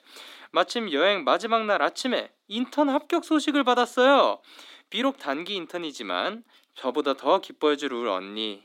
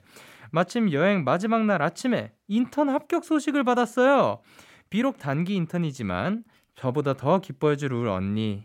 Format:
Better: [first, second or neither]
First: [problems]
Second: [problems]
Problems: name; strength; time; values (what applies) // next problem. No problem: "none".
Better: second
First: thin; very slightly; fading below 250 Hz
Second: none